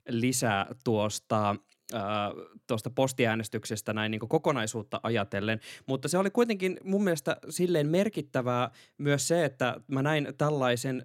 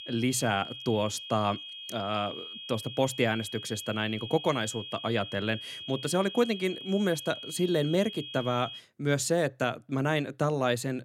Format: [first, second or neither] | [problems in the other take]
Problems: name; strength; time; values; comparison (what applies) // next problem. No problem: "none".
first | high-pitched whine; loud; until 9 s; 3.5 kHz, 10 dB below the speech